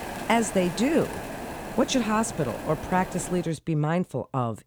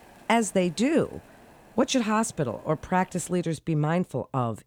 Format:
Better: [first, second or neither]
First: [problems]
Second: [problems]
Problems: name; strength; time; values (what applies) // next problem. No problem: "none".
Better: second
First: hiss; loud; until 3.5 s; 10 dB below the speech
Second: hiss; faint; until 3.5 s; 25 dB below the speech